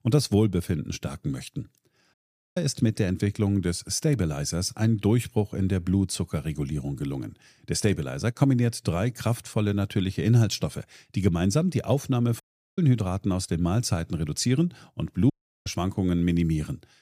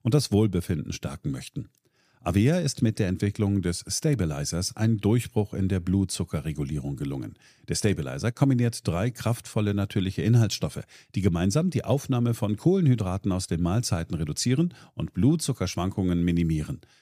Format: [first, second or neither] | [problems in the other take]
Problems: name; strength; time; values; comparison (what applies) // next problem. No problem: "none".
second | audio cutting out; at 2 s, at 12 s and at 15 s